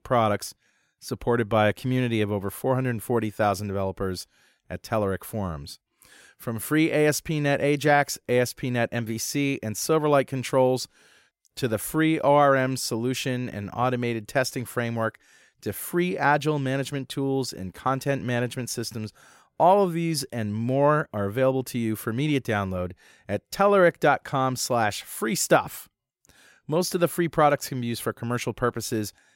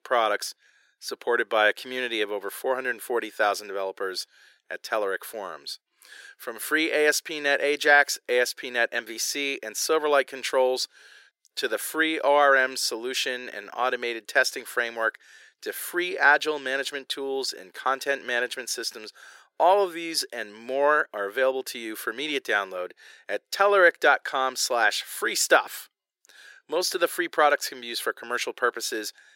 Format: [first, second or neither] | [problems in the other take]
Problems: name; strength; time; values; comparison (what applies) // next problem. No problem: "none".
first | thin; very; fading below 400 Hz